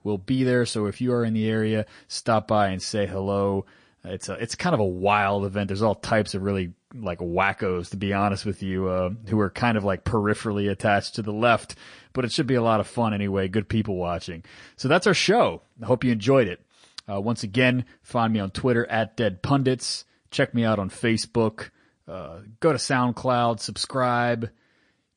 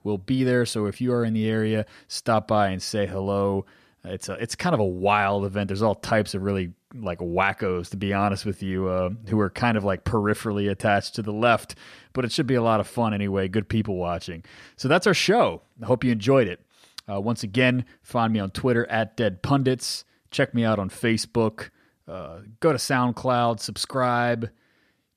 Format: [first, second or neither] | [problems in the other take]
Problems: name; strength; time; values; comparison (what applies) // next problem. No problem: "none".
second | garbled, watery; slightly